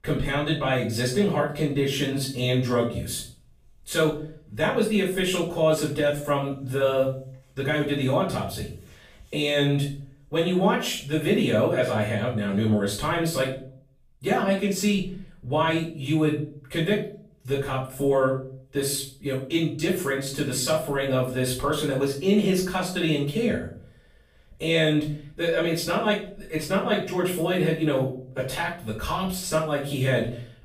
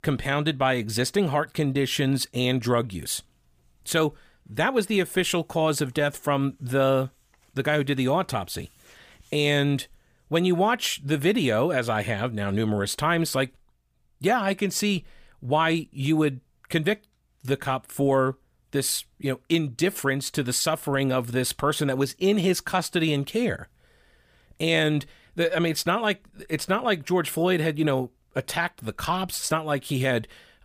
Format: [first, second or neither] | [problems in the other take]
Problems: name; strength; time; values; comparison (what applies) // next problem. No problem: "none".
second | off-mic speech; far // room echo; noticeable; dies away in 0.4 s